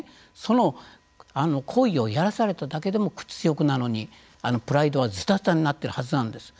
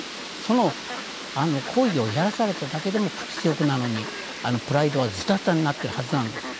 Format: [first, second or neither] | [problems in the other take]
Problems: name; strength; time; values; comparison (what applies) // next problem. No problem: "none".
first | background sound (Fowl); 9 dB below the speech